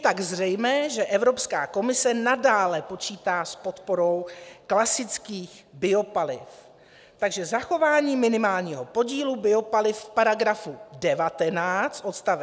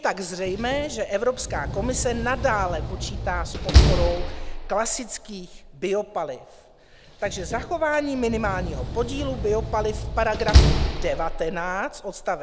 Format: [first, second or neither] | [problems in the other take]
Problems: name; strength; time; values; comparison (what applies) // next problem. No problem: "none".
first | background sound (Slam); 2 dB above the speech